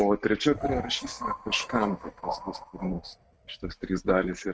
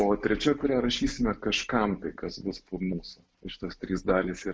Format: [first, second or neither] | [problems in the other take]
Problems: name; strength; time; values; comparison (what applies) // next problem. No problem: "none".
second | noise reduction (neural mask model RNNoise)